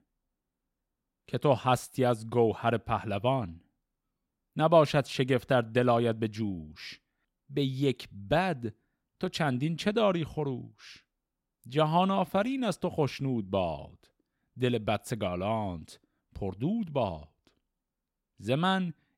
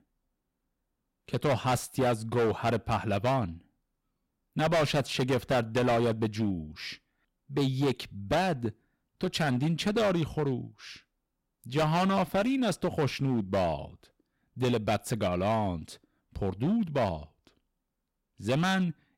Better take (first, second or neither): first